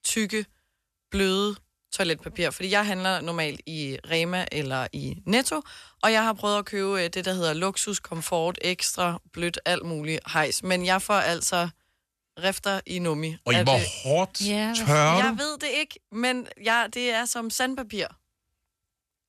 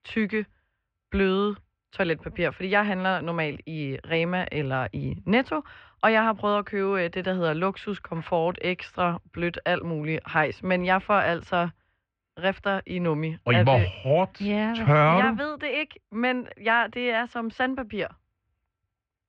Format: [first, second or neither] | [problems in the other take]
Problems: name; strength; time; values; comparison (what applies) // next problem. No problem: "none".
first | muffled; very; fading above 2.5 kHz